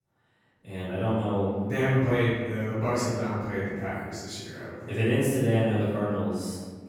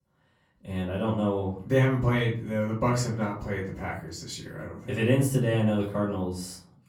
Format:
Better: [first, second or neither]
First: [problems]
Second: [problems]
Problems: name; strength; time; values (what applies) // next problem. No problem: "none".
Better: second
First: room echo; strong; dies away in 1.5 s // off-mic speech; far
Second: room echo; slight; dies away in 0.5 s // off-mic speech; far